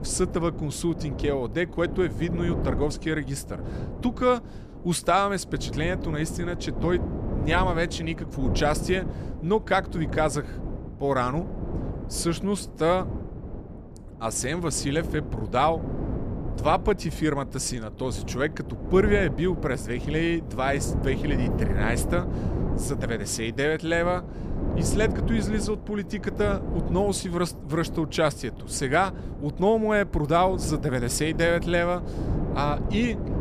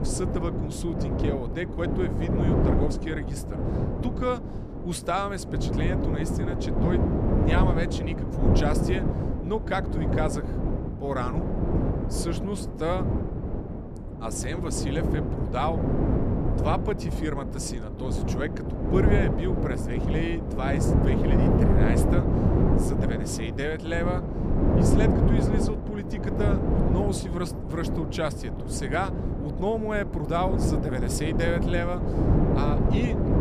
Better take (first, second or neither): first